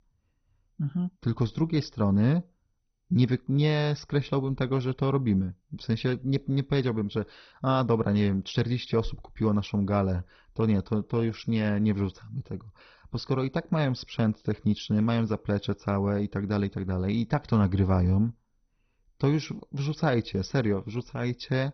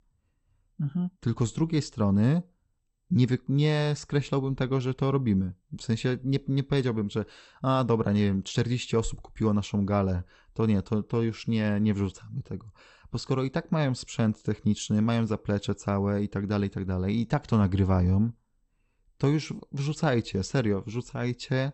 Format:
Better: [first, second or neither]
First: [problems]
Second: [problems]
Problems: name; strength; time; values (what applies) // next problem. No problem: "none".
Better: second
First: garbled, watery; badly; nothing above 6 kHz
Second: garbled, watery; slightly; nothing above 8 kHz